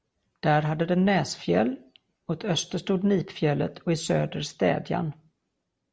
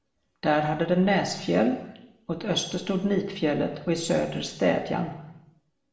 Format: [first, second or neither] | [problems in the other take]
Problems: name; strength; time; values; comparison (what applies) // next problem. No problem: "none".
first | room echo; dies away in 0.9 s